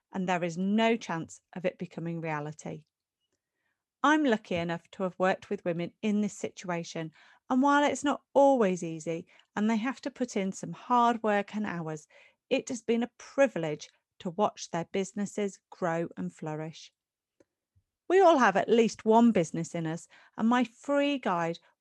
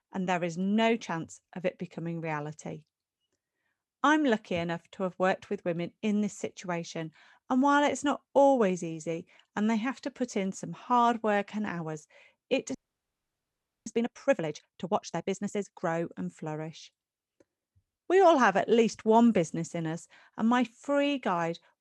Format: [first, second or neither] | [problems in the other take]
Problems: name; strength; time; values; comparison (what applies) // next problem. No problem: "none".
first | audio freezing; at 13 s for 1 s